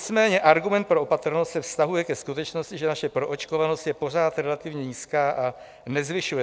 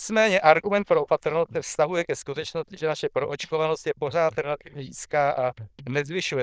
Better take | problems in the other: first | noise reduction (neural diffusion model UNIVERSE++)

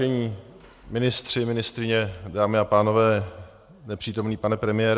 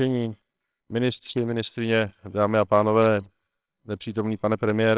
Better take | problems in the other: first | noise reduction (neural separator model SepFormer WHAMR!)

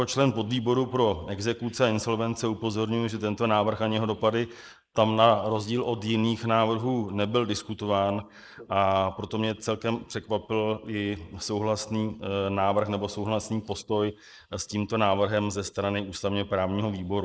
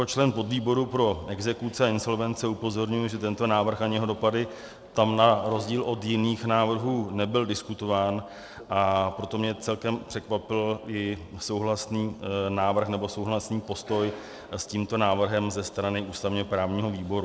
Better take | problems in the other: second | noise reduction (neural mask model Resemble Enhance denoiser)

